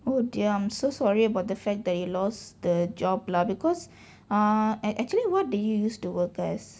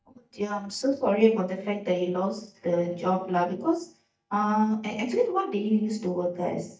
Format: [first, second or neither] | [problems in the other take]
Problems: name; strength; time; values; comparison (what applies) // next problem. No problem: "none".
first | noise reduction (neural mask model DeepFilterNet 3)